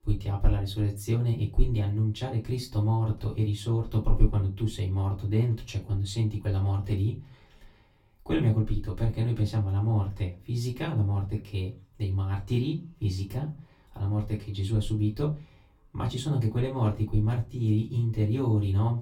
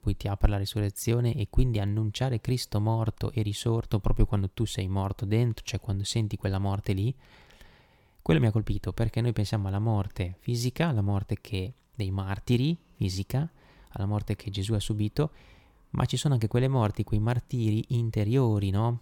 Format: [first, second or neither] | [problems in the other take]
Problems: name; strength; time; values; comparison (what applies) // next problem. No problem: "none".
second | off-mic speech; far // room echo; very slight; dies away in 0.2 s